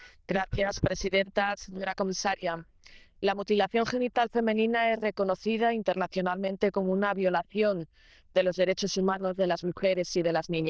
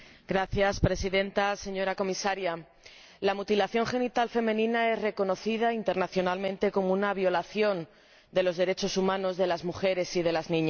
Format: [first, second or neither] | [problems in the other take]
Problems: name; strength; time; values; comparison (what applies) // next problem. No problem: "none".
second | noise reduction (neural diffusion model UNIVERSE++)